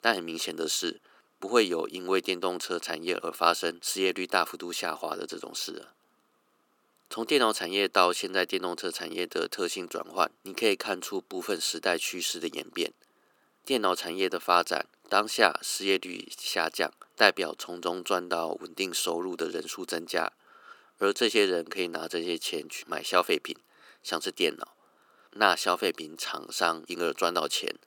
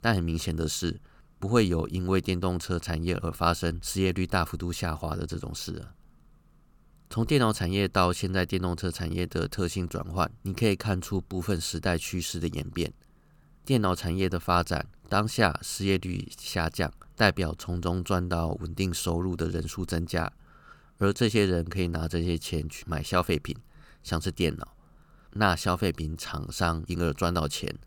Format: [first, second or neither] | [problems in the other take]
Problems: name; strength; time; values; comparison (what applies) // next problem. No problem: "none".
second | thin; somewhat; fading below 300 Hz